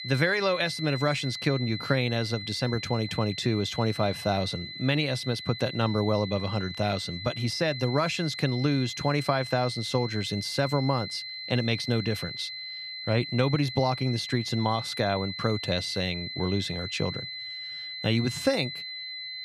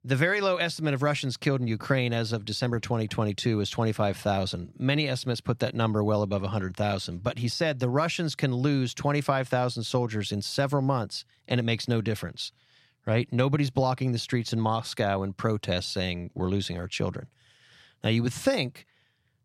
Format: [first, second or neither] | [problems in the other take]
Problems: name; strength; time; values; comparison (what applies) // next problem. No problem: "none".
second | high-pitched whine; loud; throughout; 4 kHz, 8 dB below the speech